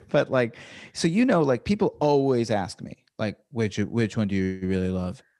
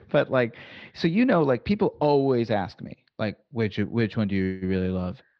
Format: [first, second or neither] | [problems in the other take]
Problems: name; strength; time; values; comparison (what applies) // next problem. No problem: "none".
first | muffled; very slightly; fading above 4 kHz